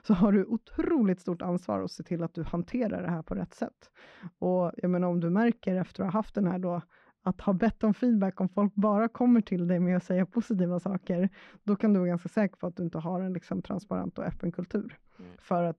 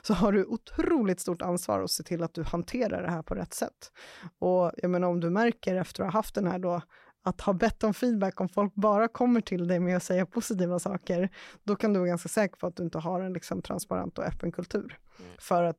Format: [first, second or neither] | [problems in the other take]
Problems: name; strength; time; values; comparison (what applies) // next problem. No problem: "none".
second | muffled; slightly; fading above 3 kHz